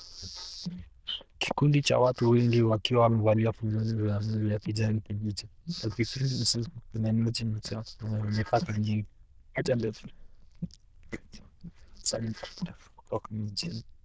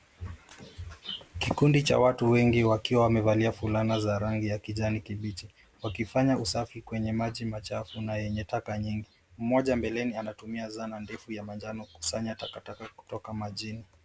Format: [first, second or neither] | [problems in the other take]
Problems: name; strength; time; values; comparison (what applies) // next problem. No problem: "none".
second | noise reduction (neural diffusion model UNIVERSE++)